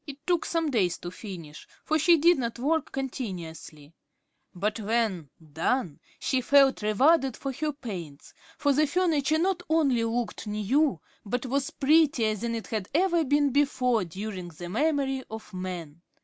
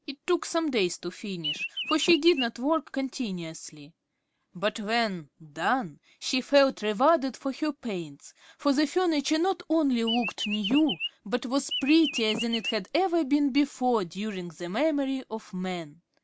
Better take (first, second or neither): first